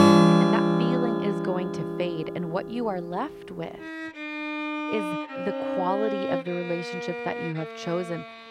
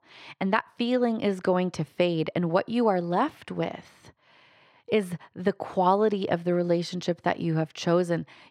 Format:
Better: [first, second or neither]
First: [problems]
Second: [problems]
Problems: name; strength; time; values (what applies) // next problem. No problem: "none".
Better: second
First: background music; very loud; throughout; 5 dB above the speech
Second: none